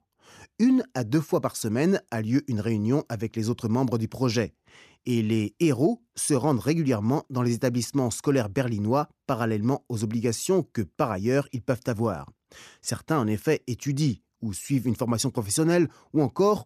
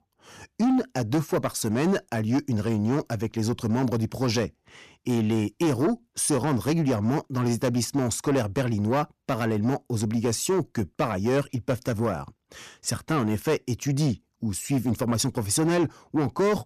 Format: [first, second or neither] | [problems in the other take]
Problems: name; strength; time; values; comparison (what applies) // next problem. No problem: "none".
first | distortion; slight; 10 dB below the speech